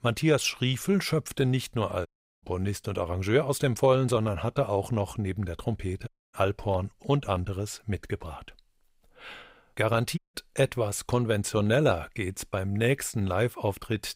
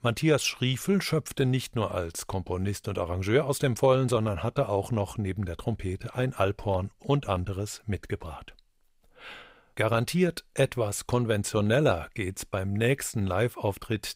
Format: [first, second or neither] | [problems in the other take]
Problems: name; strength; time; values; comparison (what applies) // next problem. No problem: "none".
second | audio cutting out; at 2 s, at 6 s and at 10 s